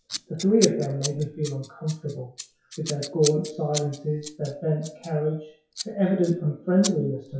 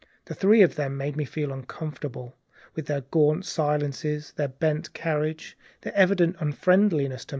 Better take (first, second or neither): second